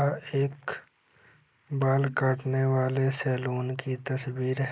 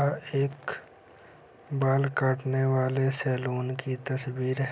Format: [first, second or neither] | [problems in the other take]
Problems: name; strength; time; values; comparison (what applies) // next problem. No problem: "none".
second | noise reduction (neural mask model Resemble Enhance denoiser)